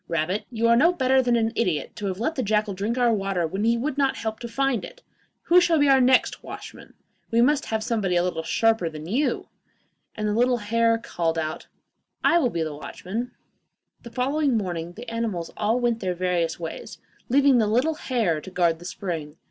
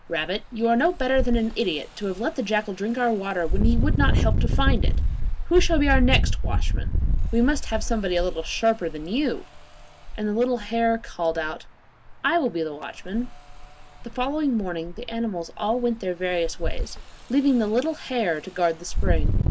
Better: first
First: none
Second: background sound (Engine); as loud as the speech

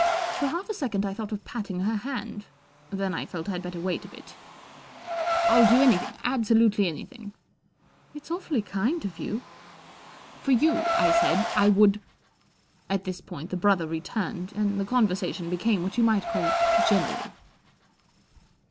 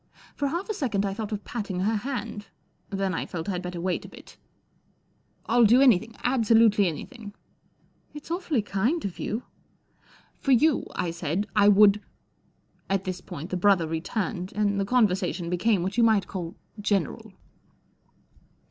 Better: second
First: background sound (Car); 5 dB below the speech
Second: none

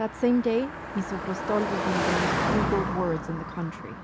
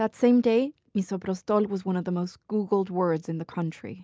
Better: second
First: background sound (Car passing by); 1 dB below the speech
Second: none

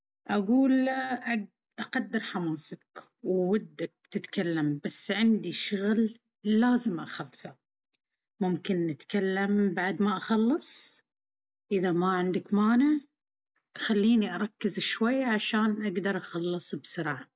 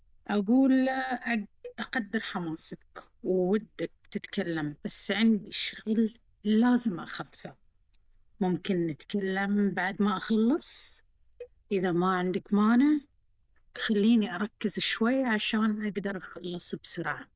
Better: first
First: none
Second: noise reduction (neural diffusion model UNIVERSE++)

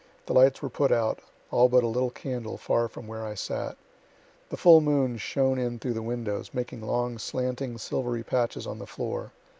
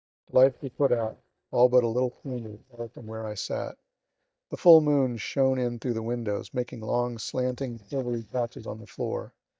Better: first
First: none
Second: noise reduction (neural mask model DeepFilterNet 3)

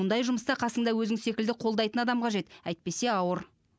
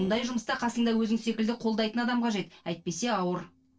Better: first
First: none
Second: noise reduction (neural separator model SepFormer DNS4)

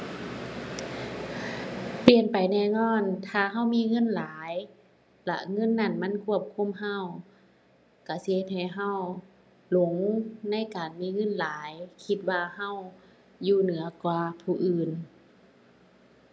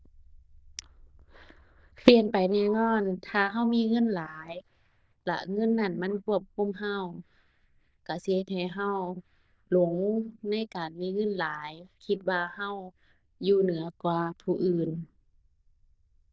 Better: first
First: none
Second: noise reduction (neural diffusion model UNIVERSE++)

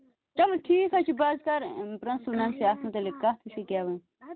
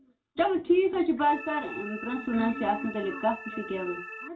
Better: first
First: none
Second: background sound (Organ); 12 dB below the speech // room echo; dies away in 0.2 s

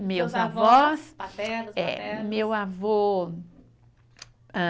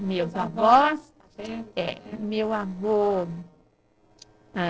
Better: first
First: none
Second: noise reduction (neural separator model SepFormer DNS4)

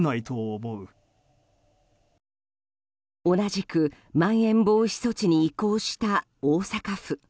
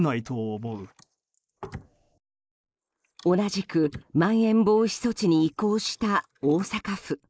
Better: first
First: none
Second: noise reduction (neural mask model Resemble Enhance denoiser)

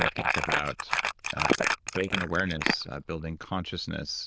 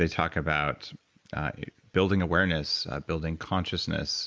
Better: second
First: noise reduction (neural diffusion model UNIVERSE++)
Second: none

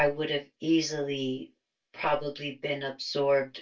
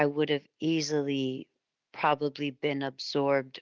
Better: second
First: room echo; dies away in 0.2 s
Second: none

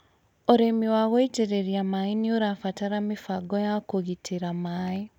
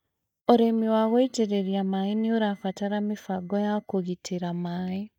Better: first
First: none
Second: noise reduction (neural mask model DeepFilterNet 3)

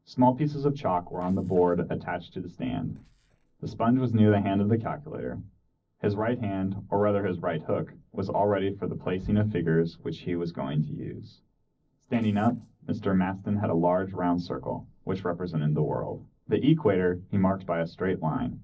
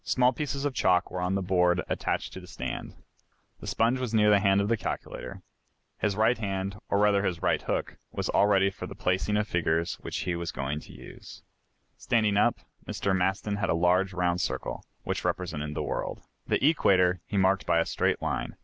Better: second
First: noise reduction (neural separator model SepFormer DNS4)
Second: none

